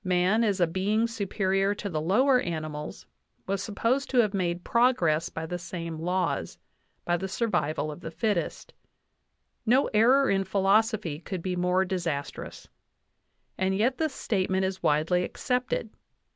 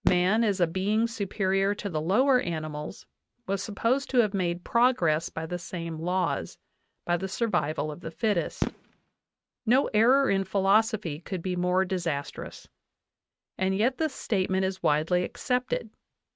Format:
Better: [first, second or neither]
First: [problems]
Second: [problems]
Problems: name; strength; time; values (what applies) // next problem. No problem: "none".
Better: first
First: none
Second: noise reduction (neural mask model RNNoise)